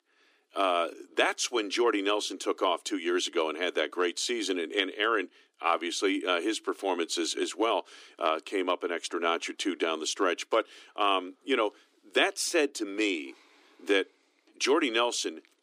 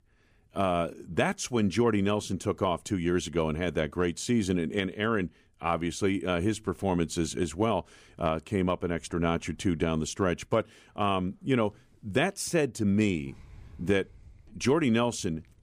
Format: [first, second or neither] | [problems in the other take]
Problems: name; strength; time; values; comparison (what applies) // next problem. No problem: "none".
second | thin; somewhat; fading below 300 Hz